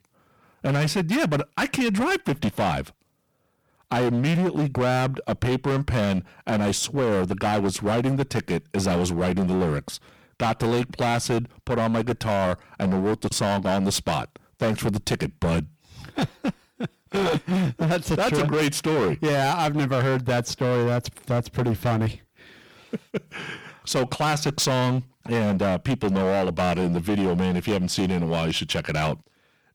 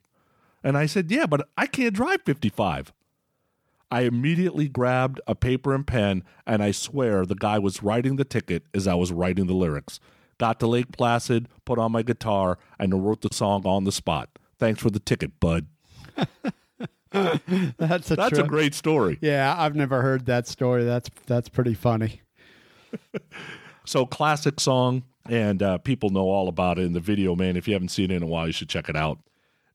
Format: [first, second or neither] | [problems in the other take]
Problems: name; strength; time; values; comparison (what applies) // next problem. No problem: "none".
second | distortion; heavy; 19% of the sound clipped